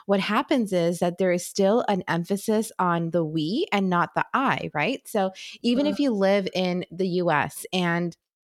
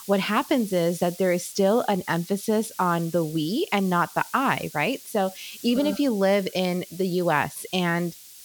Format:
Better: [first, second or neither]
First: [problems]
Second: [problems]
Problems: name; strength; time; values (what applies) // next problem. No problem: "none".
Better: first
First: none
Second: hiss; noticeable; throughout; 15 dB below the speech